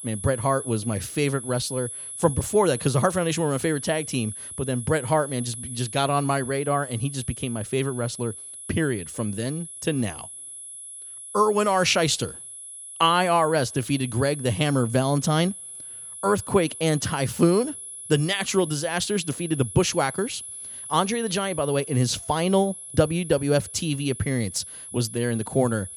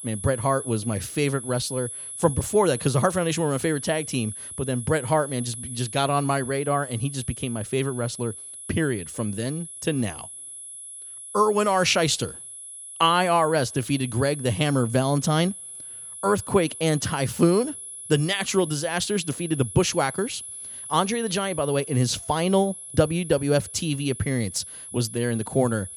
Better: neither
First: high-pitched whine; noticeable; throughout; 10.5 kHz, 10 dB below the speech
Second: high-pitched whine; noticeable; throughout; 10.5 kHz, 10 dB below the speech

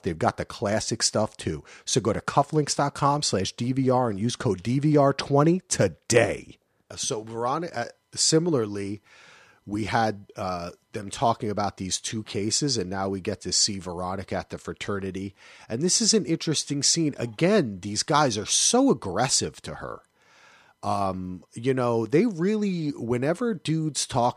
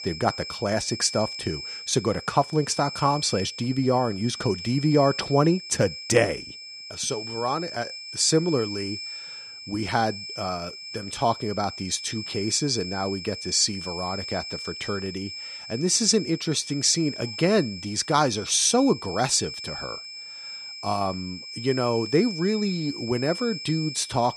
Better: first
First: none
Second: high-pitched whine; loud; throughout; 5 kHz, 10 dB below the speech

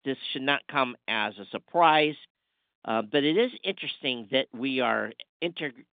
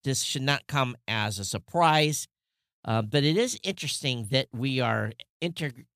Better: second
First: phone-call audio; nothing above 3.5 kHz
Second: none

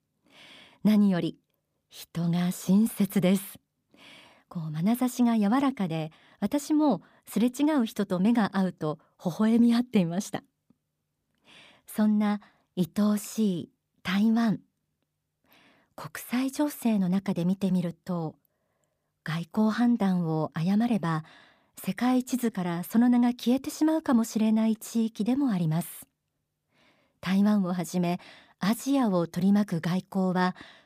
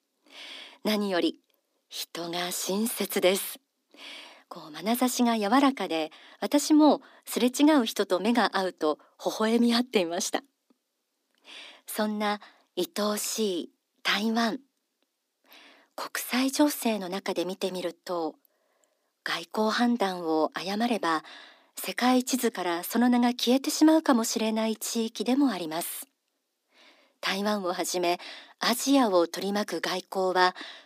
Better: first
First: none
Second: thin; somewhat; fading below 250 Hz

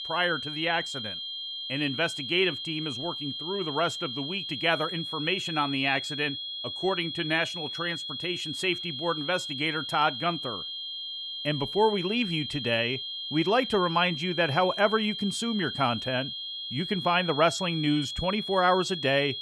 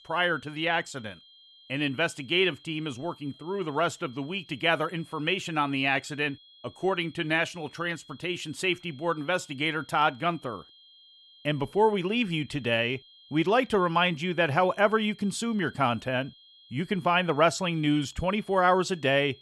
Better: second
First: high-pitched whine; loud; throughout; 3 kHz, 5 dB below the speech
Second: high-pitched whine; faint; throughout; 3 kHz, 25 dB below the speech

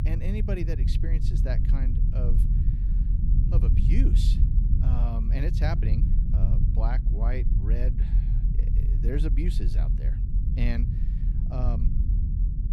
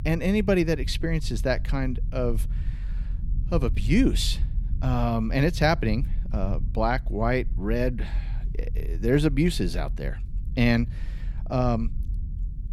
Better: second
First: low rumble; loud; throughout; 3 dB below the speech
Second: low rumble; faint; throughout; 20 dB below the speech

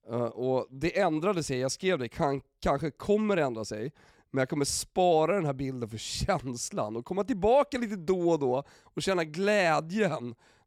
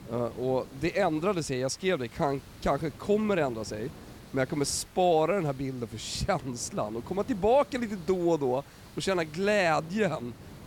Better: first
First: none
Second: hiss; noticeable; throughout; 20 dB below the speech

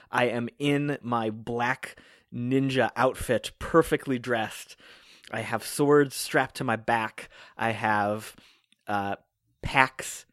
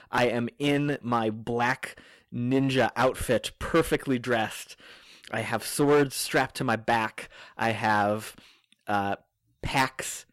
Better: first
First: none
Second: distortion; slight; 4% of the sound clipped

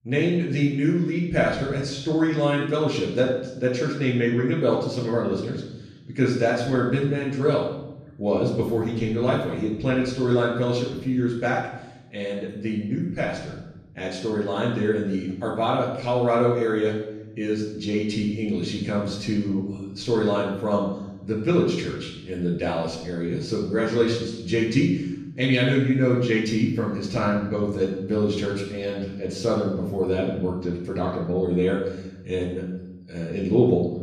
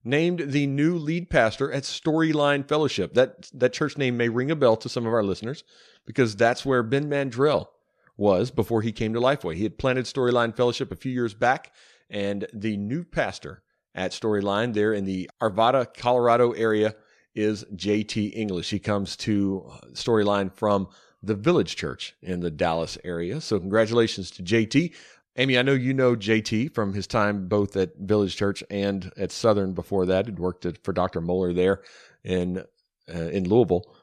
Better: second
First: off-mic speech; far // room echo; noticeable; dies away in 1 s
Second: none

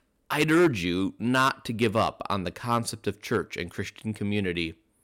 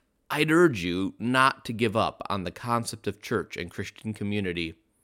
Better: second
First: distortion; slight; 1.8% of the sound clipped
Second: none

